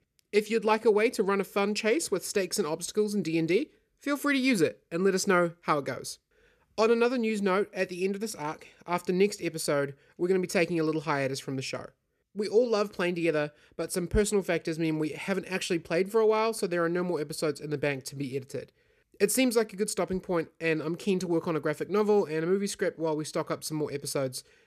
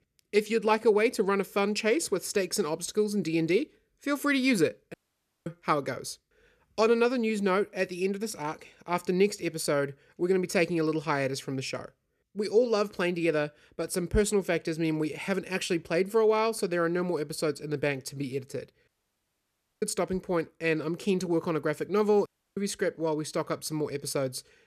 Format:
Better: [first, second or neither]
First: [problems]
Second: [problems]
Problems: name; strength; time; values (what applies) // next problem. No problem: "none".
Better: first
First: none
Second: audio cutting out; at 5 s for 0.5 s, at 19 s for 1 s and at 22 s